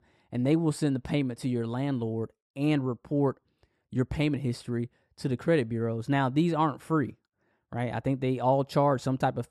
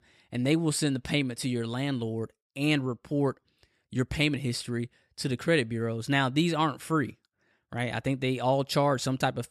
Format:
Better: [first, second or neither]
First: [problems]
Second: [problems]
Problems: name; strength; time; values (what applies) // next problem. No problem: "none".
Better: second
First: muffled; slightly; fading above 1.5 kHz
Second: none